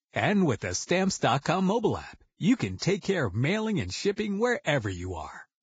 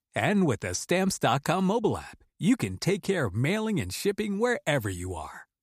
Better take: second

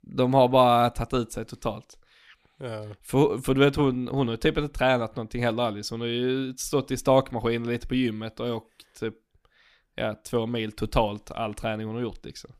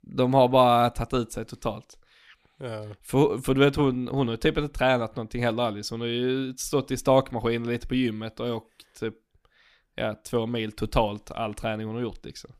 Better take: neither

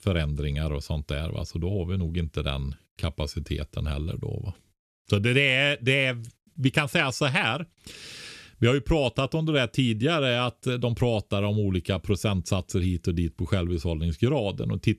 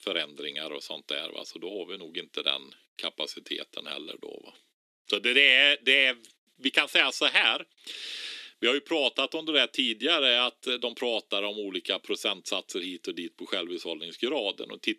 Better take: first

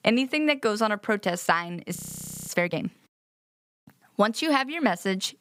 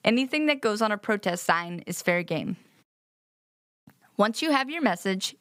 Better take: second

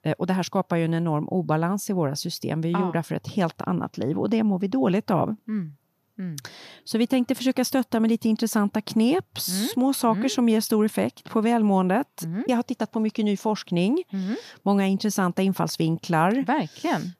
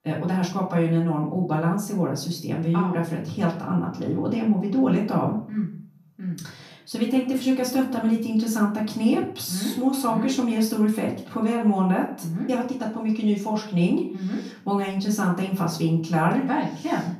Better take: first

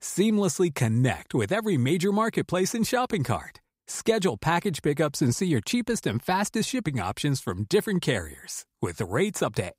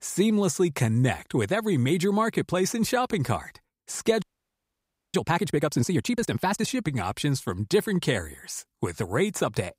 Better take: first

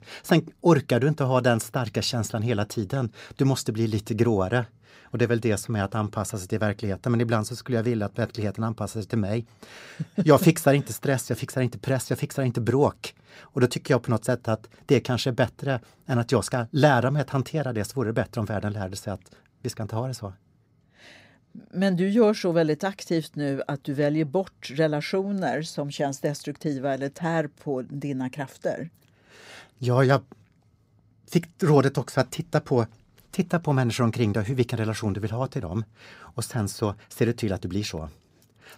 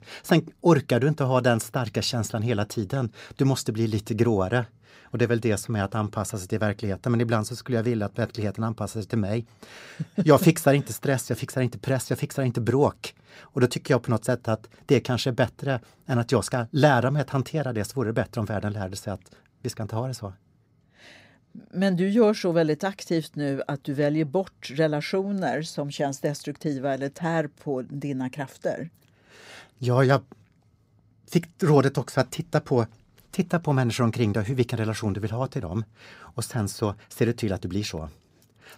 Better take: neither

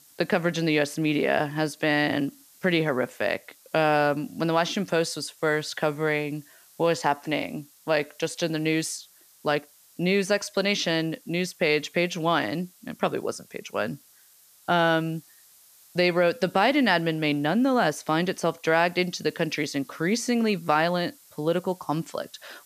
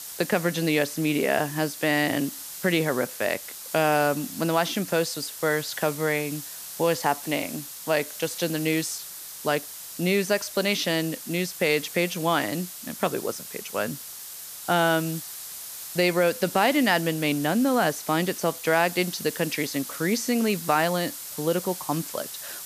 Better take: first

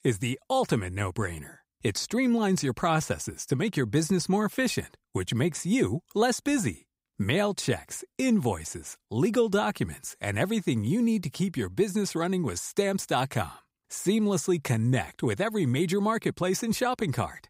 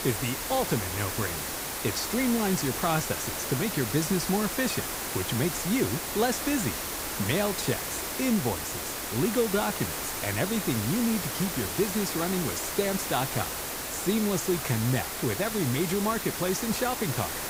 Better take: first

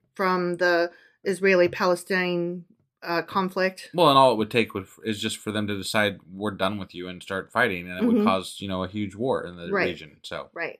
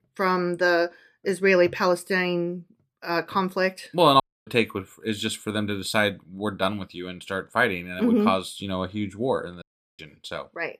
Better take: first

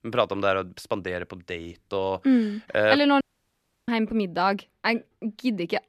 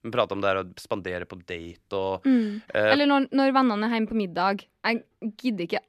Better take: second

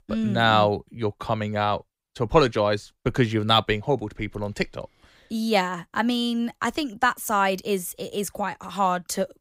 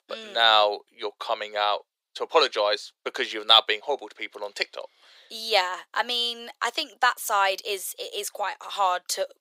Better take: first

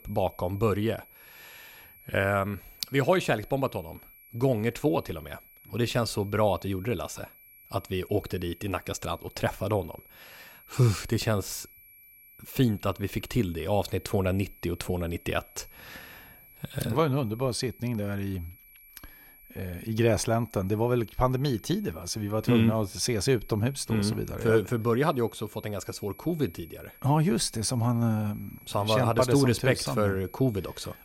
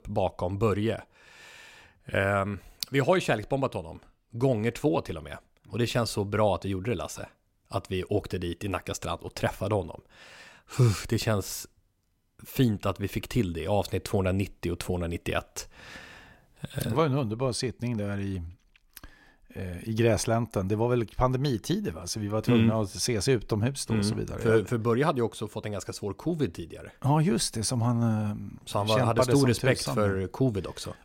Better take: second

